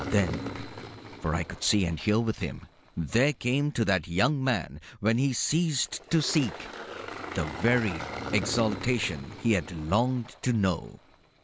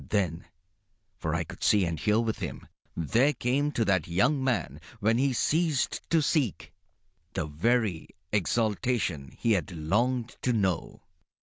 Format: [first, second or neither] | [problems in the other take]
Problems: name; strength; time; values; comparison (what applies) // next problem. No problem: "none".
second | background sound (Engine); 12 dB below the speech